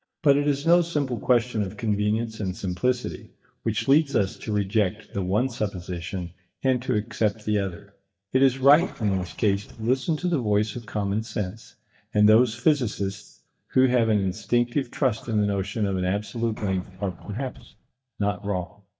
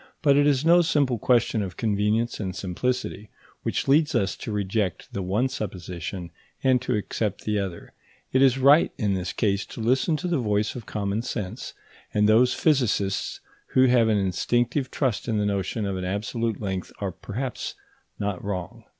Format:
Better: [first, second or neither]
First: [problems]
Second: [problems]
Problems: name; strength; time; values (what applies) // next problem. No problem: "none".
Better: second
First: noise reduction (neural mask model DeepFilterNet 3)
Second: none